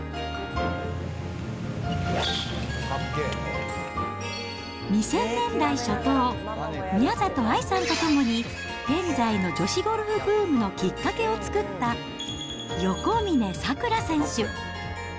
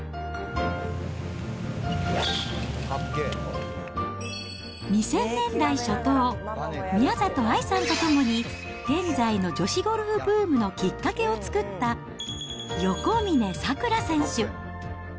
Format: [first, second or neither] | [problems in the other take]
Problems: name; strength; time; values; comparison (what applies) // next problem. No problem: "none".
second | background sound (Harp); 12 dB below the speech